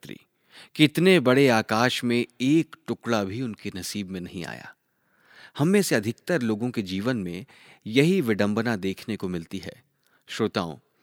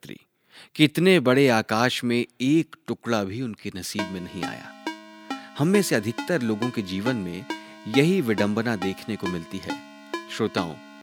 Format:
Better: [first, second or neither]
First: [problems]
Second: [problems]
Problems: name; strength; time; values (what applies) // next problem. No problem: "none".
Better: first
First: none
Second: phone ringing; noticeable; from 4 s on; peak 10 dB below the speech